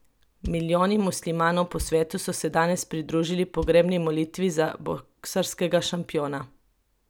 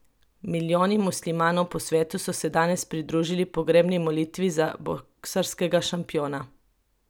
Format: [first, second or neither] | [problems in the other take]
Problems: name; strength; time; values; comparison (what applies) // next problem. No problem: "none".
second | background sound (Bass drum); 16 dB below the speech